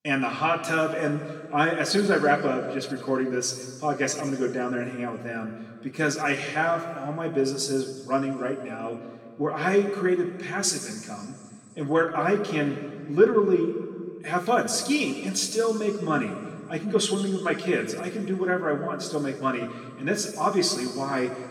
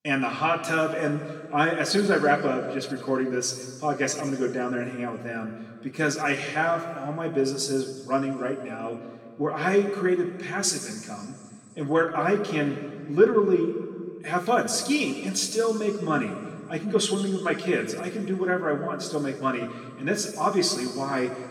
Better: neither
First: room echo; noticeable; dies away in 1.7 s // off-mic speech; far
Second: room echo; noticeable; dies away in 1.7 s // off-mic speech; far

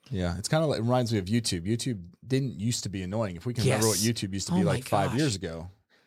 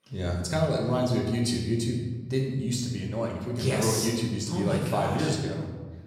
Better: first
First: none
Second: room echo; noticeable; dies away in 1.1 s // off-mic speech; somewhat distant

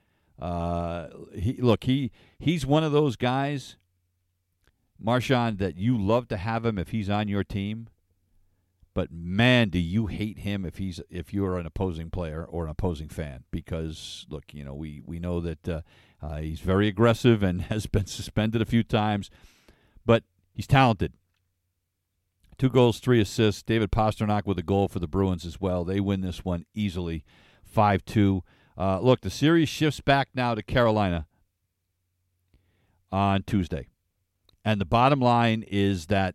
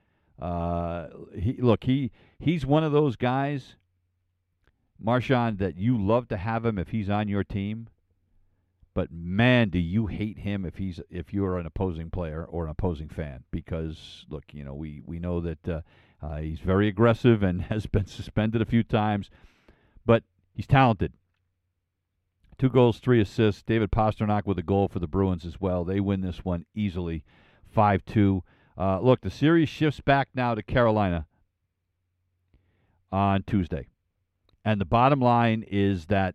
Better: first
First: none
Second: muffled; slightly; fading above 4 kHz

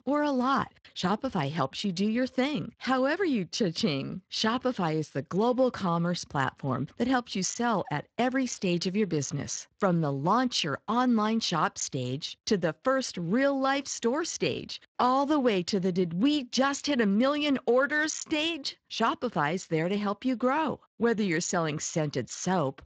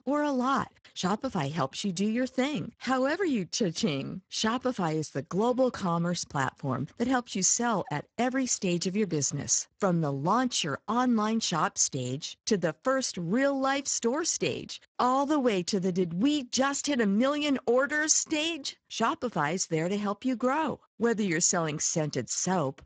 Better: first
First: garbled, watery; slightly; nothing above 7.5 kHz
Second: garbled, watery; badly; nothing above 7.5 kHz

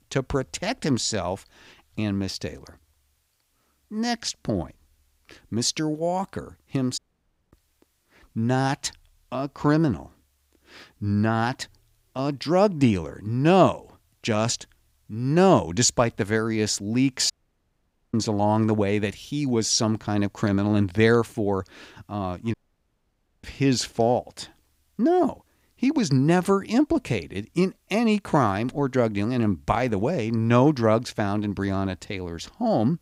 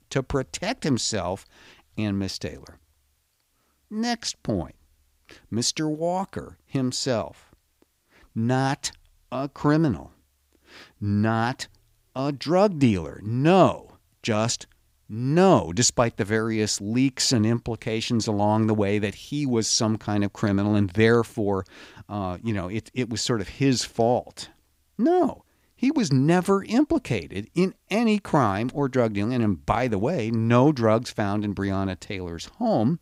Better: second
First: audio cutting out; at 7 s for 0.5 s, at 17 s for 1 s and at 23 s for 1 s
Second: none

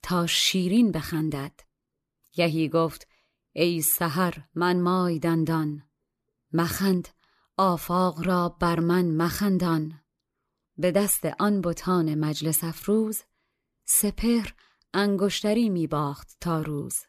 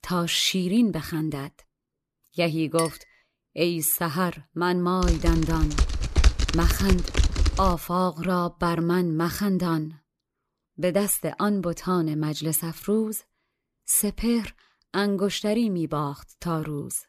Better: first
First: none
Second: clattering dishes; noticeable; at 3 s; peak 9 dB below the speech // keyboard typing; loud; from 5 to 7.5 s; peak 3 dB above the speech

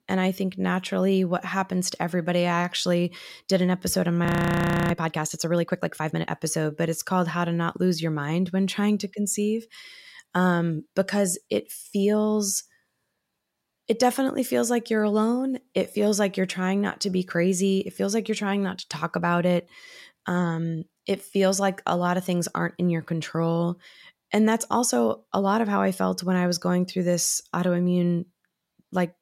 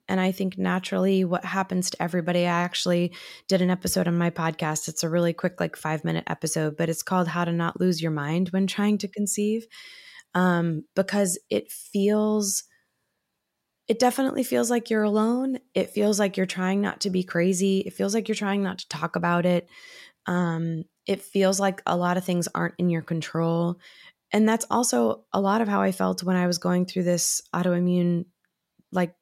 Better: second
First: audio freezing; at 4.5 s for 0.5 s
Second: none

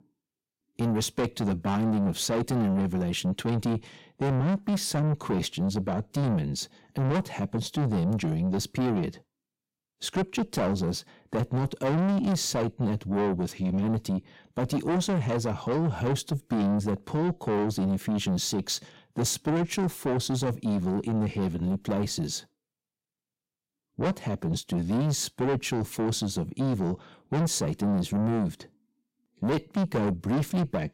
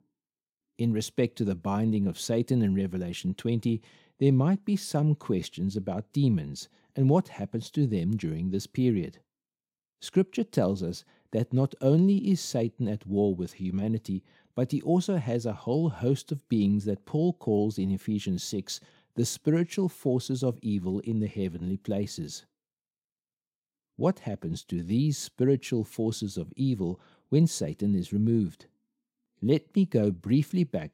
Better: second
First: distortion; heavy; 6 dB below the speech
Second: none

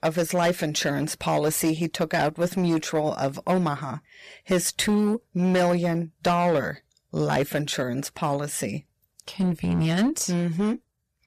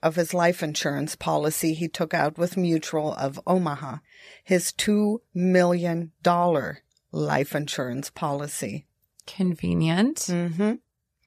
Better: second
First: distortion; slight; 8% of the sound clipped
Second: none

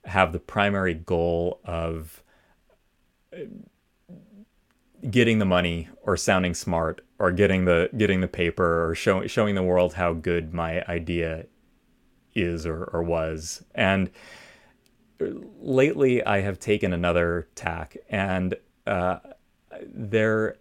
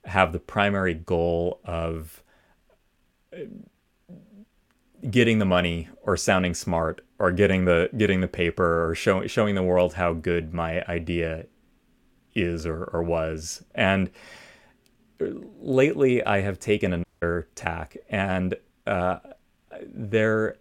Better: first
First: none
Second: audio cutting out; at 17 s

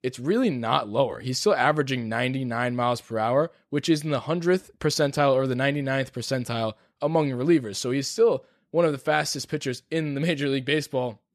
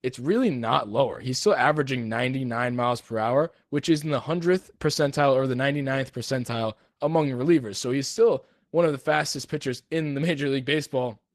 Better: first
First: none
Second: garbled, watery; slightly; nothing above 13.5 kHz

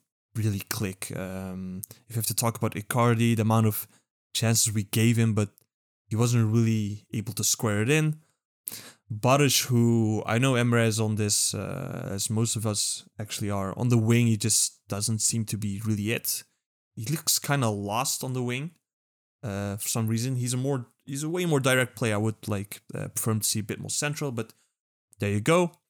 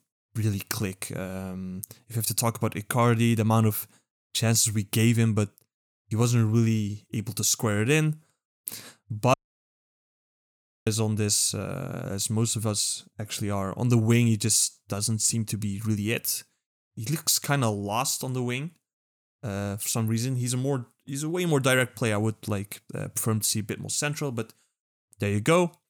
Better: first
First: none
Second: audio cutting out; at 9.5 s for 1.5 s

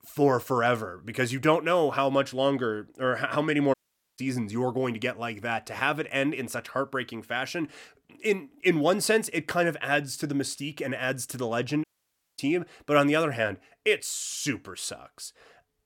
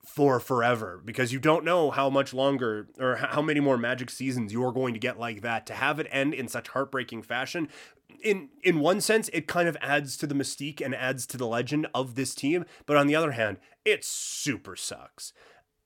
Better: second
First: audio cutting out; at 3.5 s and at 12 s for 0.5 s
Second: none

